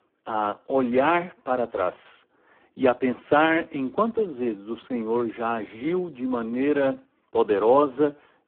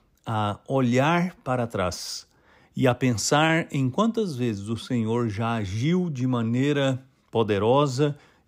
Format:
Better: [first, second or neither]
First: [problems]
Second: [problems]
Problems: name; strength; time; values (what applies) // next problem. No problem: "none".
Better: second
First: phone-call audio; poor line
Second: none